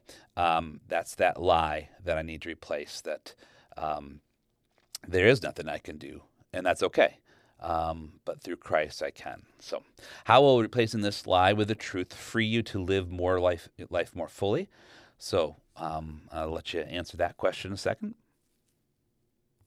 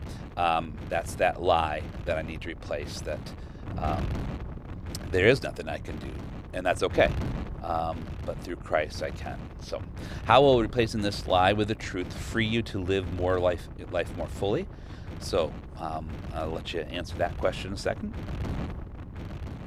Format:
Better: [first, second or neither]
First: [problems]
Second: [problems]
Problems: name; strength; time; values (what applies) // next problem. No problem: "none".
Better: first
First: none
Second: wind noise on the microphone; occasional gusts; 15 dB below the speech